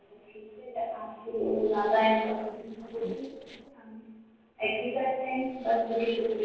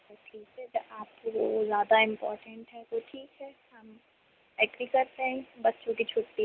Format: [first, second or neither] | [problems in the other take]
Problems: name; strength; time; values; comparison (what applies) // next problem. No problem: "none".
second | noise reduction (neural separator model SepFormer DNS4)